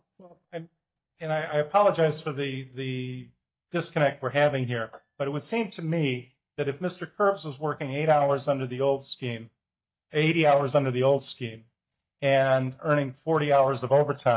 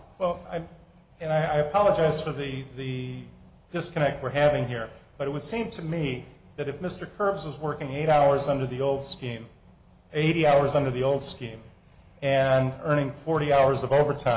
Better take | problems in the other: second | noise reduction (neural mask model DeepFilterNet 3)

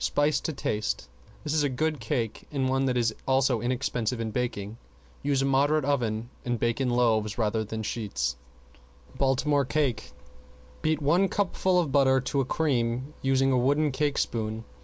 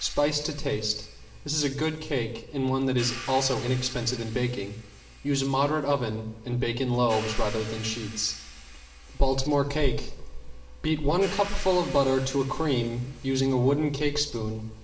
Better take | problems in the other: first | background sound (Hi-hat); 19 dB below the speech // room echo; dies away in 1.3 s

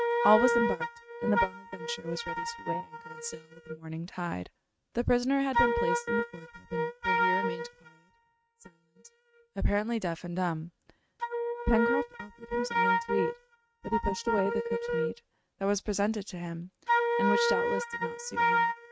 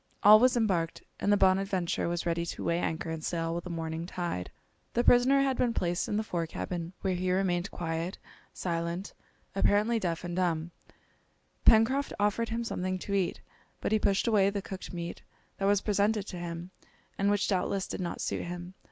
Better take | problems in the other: second | noise reduction (neural mask model RNNoise)

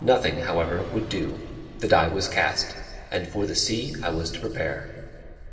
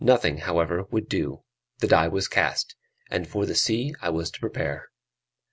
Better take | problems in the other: second | background sound (Bus); 14 dB below the speech // room echo; dies away in 2.4 s

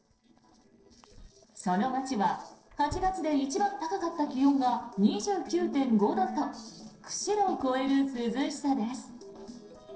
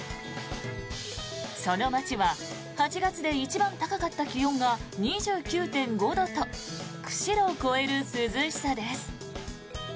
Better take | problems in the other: second | noise reduction (neural separator model SepFormer DNS4)

